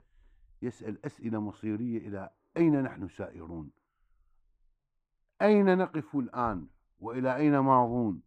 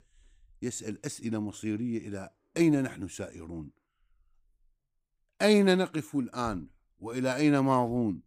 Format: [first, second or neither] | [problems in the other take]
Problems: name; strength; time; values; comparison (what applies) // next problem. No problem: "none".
second | muffled; very; fading above 3.5 kHz